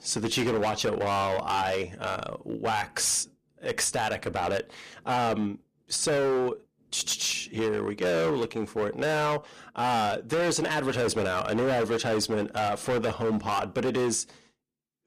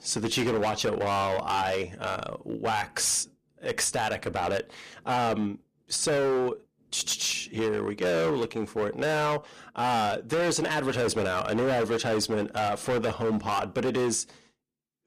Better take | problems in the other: neither | distortion; heavy; 18% of the sound clipped; the same in both

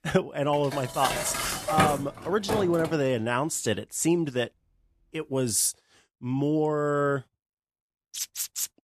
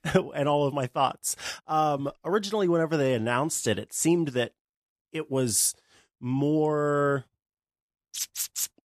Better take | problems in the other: second | clattering dishes; loud; from 0.5 to 3 s; peak 2 dB above the speech

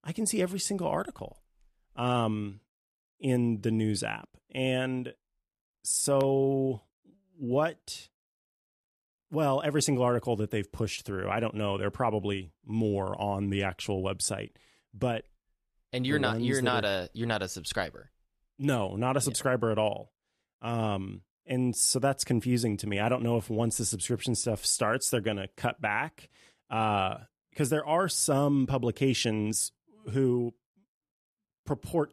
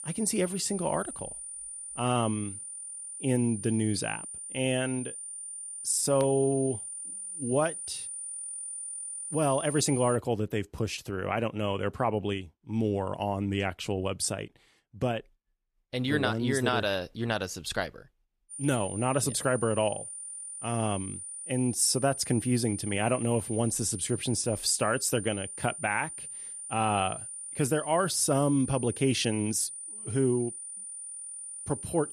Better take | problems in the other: first | high-pitched whine; loud; until 10 s and from 19 s on; 9.5 kHz, 8 dB below the speech

